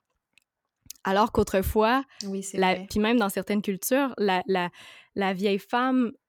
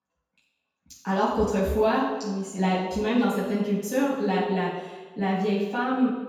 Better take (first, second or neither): first